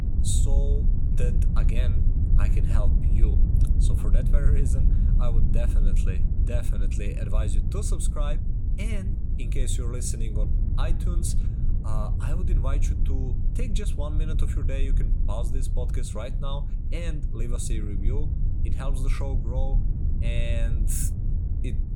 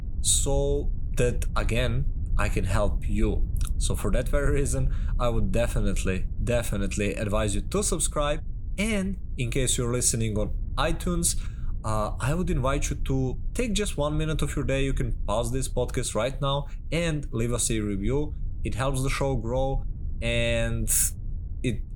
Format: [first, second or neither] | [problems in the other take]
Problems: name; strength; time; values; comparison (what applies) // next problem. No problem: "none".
second | low rumble; loud; throughout; 4 dB below the speech; faint in the second